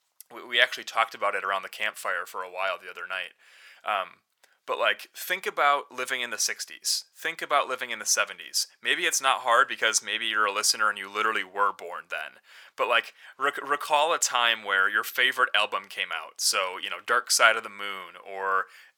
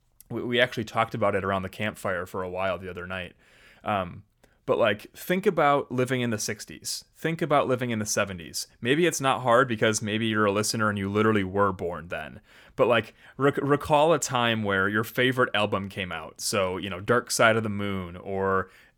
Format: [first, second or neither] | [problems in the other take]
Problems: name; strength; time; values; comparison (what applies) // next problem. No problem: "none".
second | thin; very; fading below 950 Hz